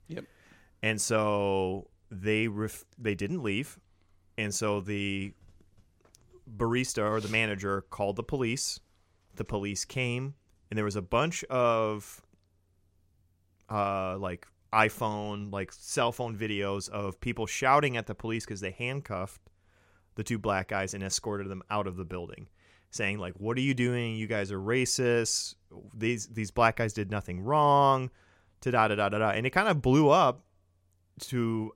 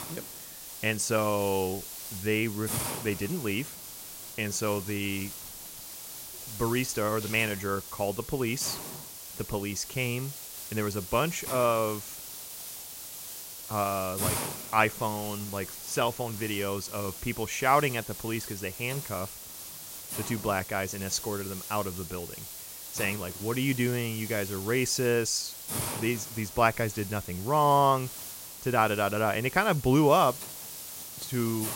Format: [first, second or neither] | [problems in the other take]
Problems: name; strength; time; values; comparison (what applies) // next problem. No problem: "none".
first | hiss; loud; throughout; 9 dB below the speech